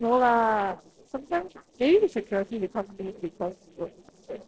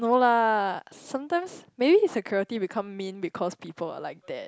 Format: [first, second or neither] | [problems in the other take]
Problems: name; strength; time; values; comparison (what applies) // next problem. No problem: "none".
second | noise reduction (neural separator model SepFormer DNS4)